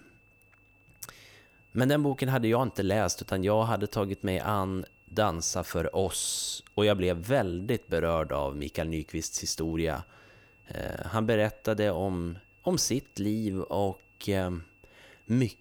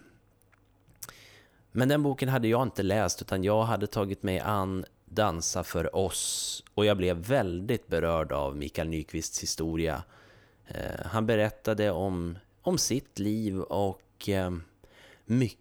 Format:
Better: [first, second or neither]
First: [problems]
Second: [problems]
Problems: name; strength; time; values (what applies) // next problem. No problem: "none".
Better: second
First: high-pitched whine; faint; throughout; 2.5 kHz, 30 dB below the speech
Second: none